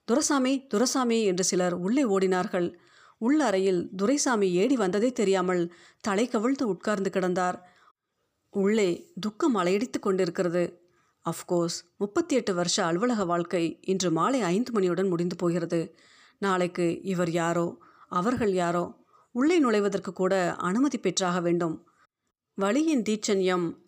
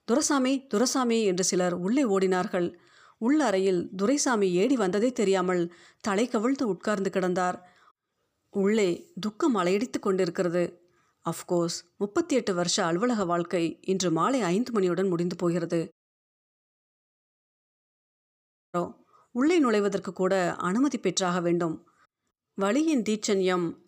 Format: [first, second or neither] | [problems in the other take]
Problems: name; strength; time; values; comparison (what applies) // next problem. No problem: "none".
first | audio cutting out; at 16 s for 3 s